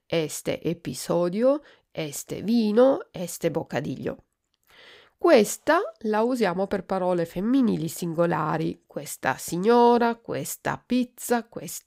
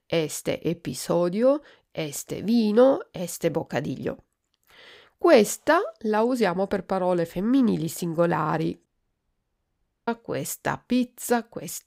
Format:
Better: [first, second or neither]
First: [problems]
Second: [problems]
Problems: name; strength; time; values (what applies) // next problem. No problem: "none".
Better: first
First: none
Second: audio cutting out; at 9 s for 1 s